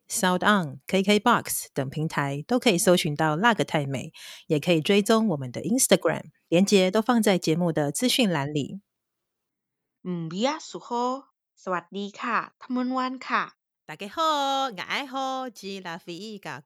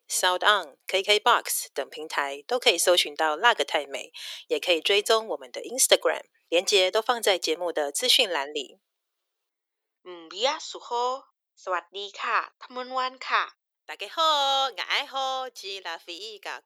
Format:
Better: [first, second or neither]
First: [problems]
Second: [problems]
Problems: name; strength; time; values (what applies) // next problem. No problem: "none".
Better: first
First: none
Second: thin; very; fading below 400 Hz